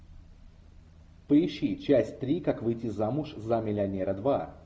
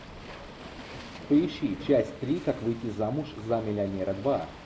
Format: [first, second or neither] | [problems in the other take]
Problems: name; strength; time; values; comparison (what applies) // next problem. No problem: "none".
first | background sound (Waves, surf); 15 dB below the speech